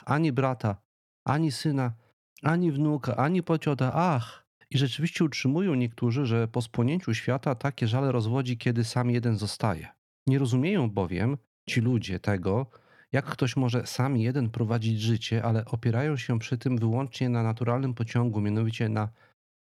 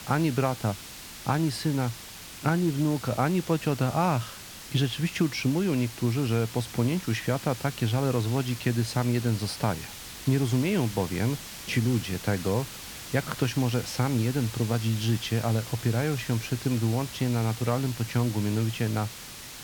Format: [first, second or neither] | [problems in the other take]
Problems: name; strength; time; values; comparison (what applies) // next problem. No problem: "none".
first | hiss; noticeable; throughout; 10 dB below the speech